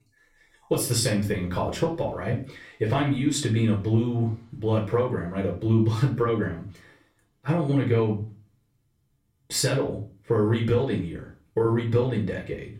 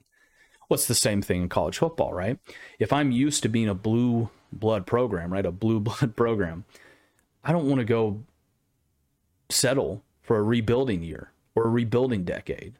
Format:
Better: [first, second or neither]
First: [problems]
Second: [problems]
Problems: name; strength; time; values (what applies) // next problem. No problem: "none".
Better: second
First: off-mic speech; far // room echo; slight; dies away in 0.3 s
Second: none